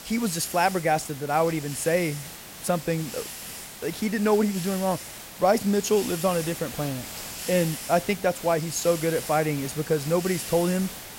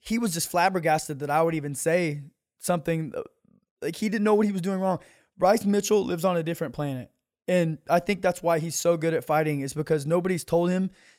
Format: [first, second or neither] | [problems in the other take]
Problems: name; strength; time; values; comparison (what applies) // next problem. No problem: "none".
second | hiss; loud; throughout; 10 dB below the speech